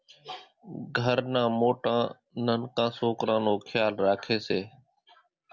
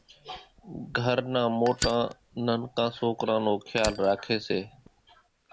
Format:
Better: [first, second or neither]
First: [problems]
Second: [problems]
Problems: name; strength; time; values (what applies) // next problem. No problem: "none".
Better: first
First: none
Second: background sound (Fire); 13 dB below the speech